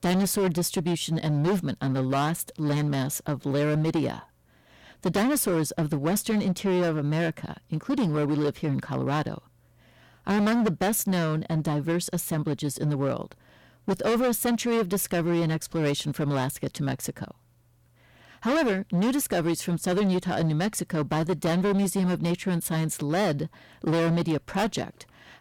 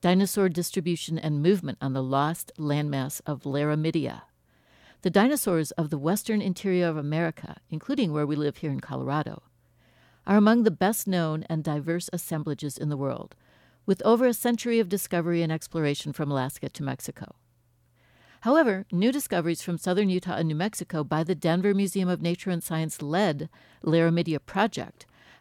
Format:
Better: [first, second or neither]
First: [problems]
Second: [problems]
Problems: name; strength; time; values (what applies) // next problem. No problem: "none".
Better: second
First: distortion; heavy; 16% of the sound clipped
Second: none